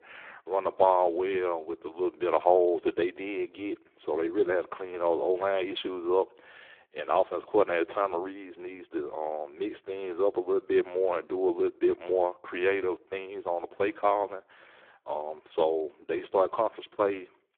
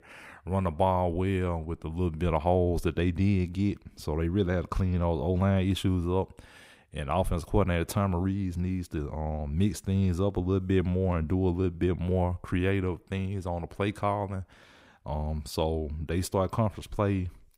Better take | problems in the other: second | phone-call audio; poor line

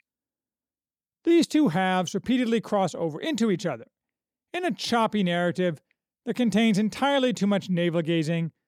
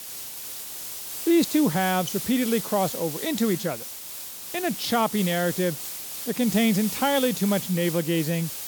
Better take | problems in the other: first | hiss; loud; throughout; 7 dB below the speech

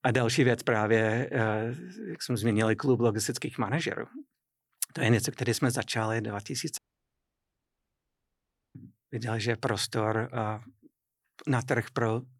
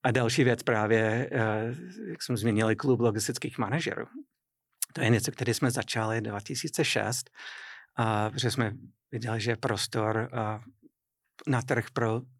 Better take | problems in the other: second | audio cutting out; at 7 s for 2 s

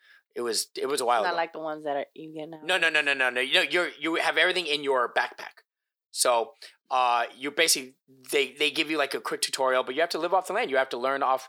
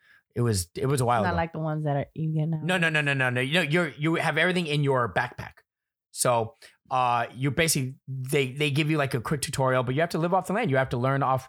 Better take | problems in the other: second | thin; very; fading below 350 Hz

